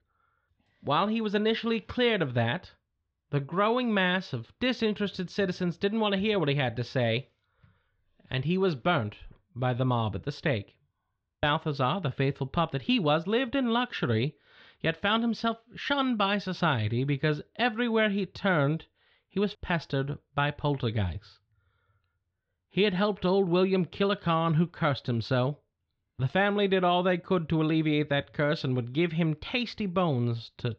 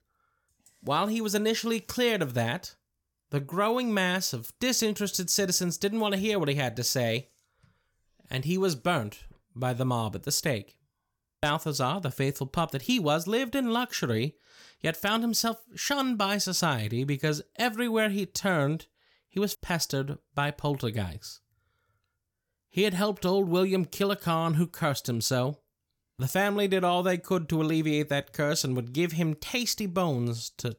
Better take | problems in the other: second | muffled; very; fading above 3.5 kHz

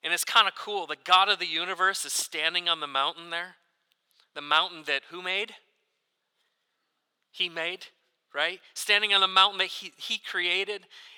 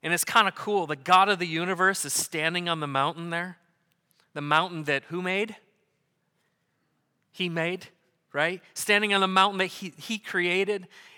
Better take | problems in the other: second | thin; very; fading below 450 Hz

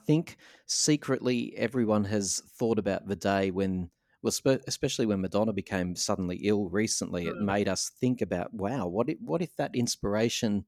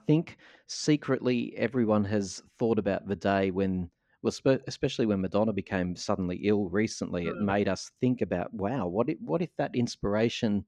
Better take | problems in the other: first | muffled; slightly; fading above 3.5 kHz

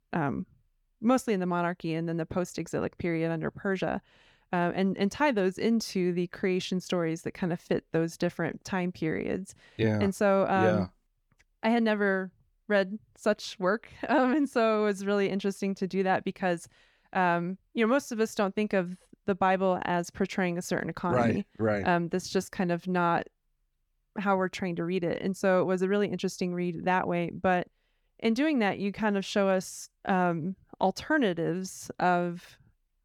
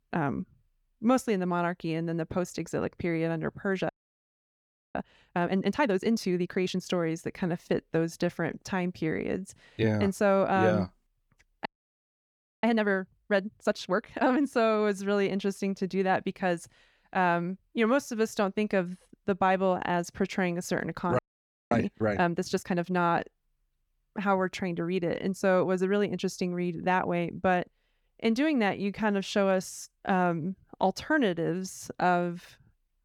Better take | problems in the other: first | audio freezing; at 4 s for 1 s, at 12 s for 1 s and at 21 s for 0.5 s

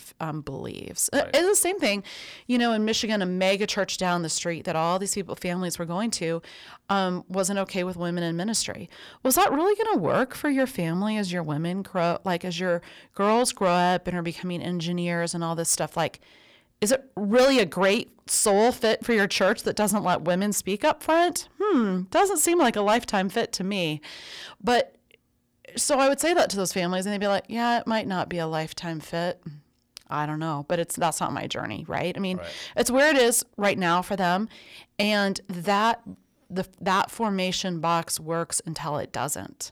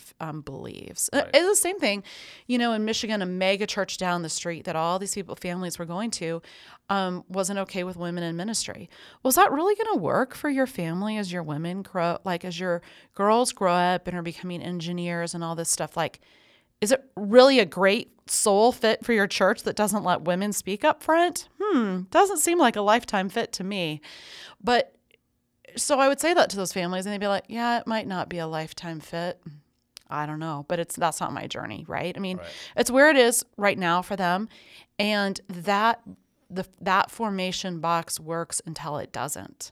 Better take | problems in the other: second | distortion; slight; 10 dB below the speech

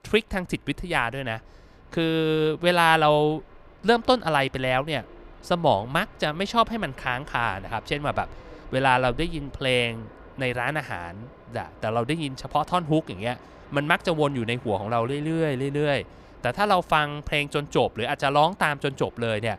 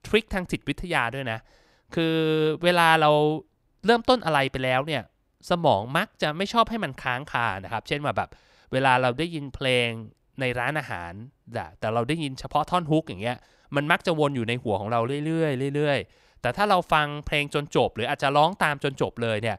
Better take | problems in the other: second | train or aircraft noise; faint; throughout; 25 dB below the speech

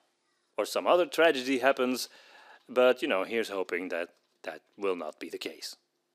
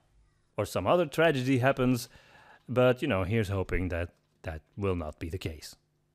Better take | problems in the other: second | thin; somewhat; fading below 300 Hz

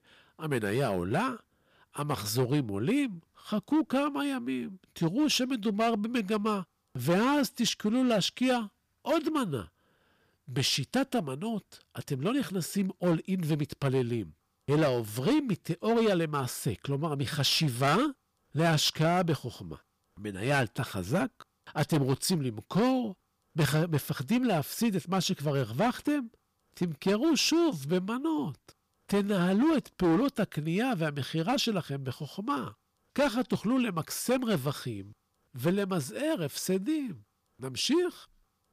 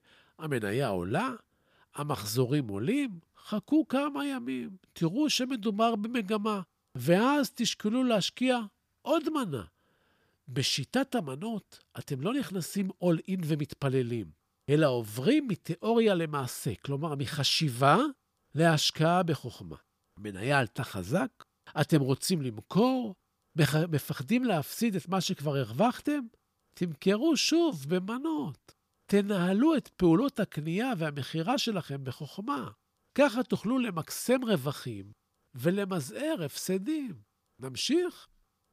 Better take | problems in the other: second | distortion; slight; 6% of the sound clipped

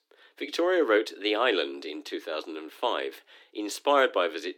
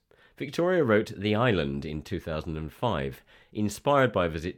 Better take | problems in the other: second | thin; somewhat; fading below 300 Hz

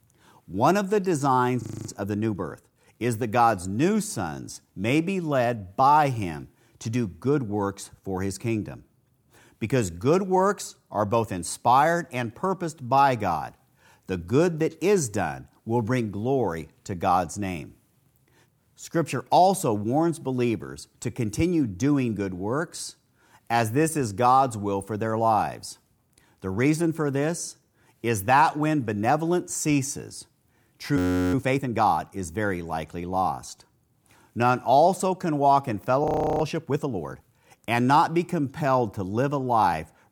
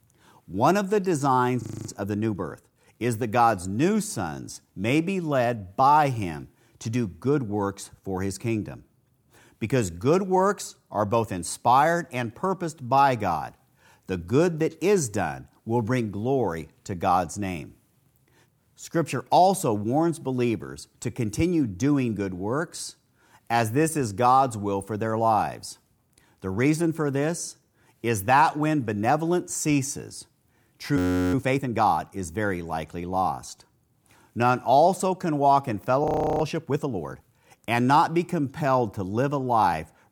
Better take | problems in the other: neither | audio freezing; at 1.5 s, at 31 s and at 36 s; the same in both

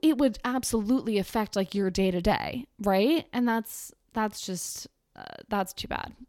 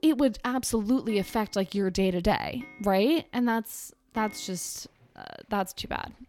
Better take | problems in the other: first | household noises; noticeable; throughout; 20 dB below the speech

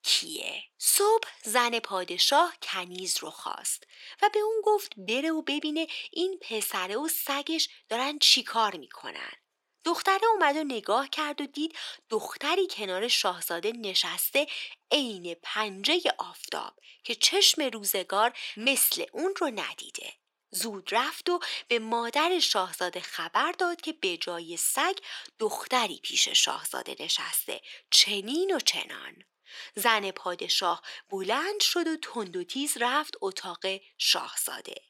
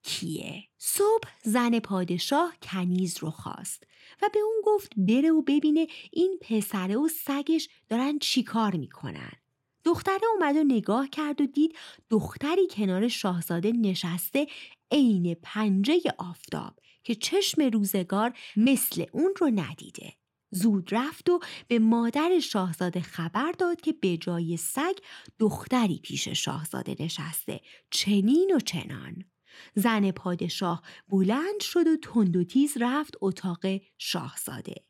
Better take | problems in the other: second | thin; very; fading below 500 Hz

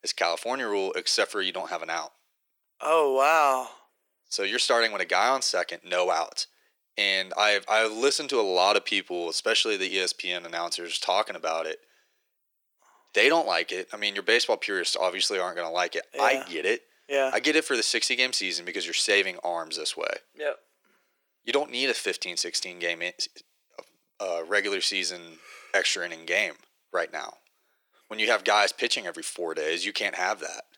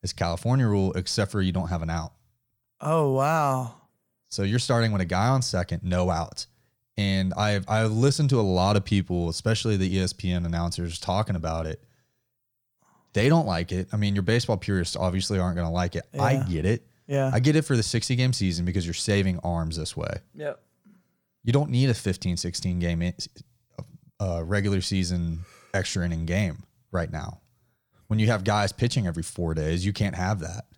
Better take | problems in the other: second | thin; very; fading below 350 Hz

